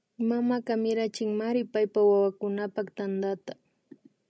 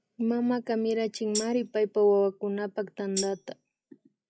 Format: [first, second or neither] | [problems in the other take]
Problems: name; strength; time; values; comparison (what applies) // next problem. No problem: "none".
first | noise reduction (classical method log-MMSE)